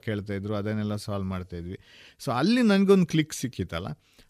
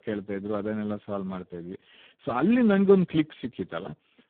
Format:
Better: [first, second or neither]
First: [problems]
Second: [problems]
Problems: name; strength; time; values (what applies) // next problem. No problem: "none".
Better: first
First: none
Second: phone-call audio; poor line; nothing above 3.5 kHz